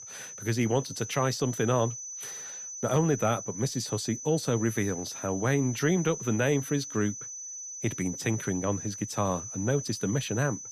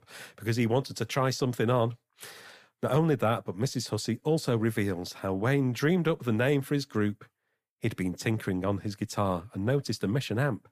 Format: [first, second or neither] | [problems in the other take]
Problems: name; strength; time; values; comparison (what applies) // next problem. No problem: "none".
second | high-pitched whine; loud; throughout; 6 kHz, 8 dB below the speech